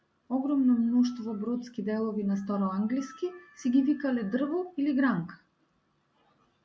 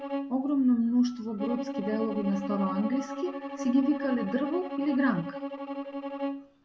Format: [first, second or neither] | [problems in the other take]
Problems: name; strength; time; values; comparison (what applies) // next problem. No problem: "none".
first | background sound (Bowed string instrument); 7 dB below the speech